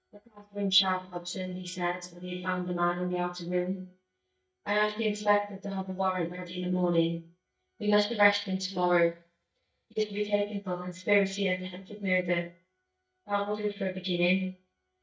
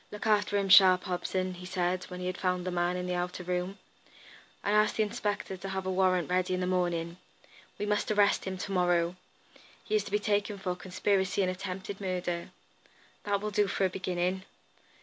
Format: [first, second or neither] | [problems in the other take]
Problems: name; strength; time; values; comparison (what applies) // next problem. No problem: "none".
second | noise reduction (neural mask model DeepFilterNet 3)